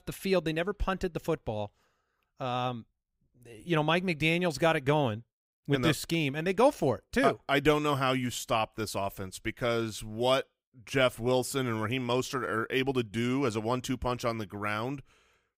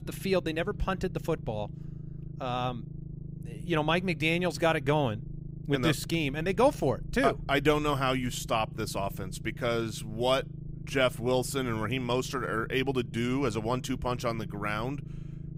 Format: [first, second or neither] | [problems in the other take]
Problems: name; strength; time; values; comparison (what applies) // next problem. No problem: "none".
first | low rumble; faint; throughout; 20 dB below the speech